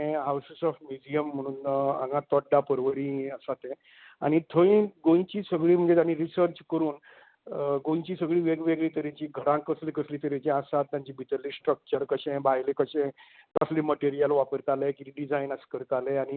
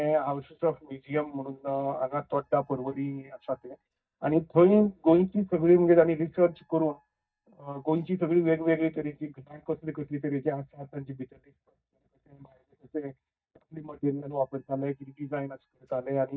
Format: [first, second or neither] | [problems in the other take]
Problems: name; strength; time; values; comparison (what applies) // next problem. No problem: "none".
first | noise reduction (neural mask model DeepFilterNet 3)